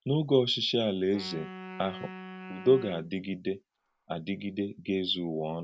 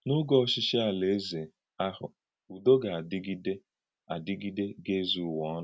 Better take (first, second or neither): second